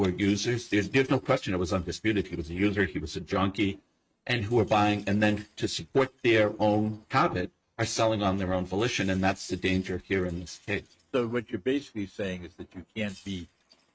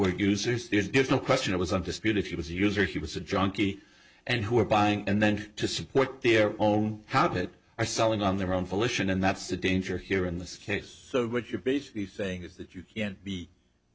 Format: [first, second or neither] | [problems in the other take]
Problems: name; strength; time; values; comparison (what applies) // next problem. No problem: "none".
second | noise reduction (neural mask model RNNoise)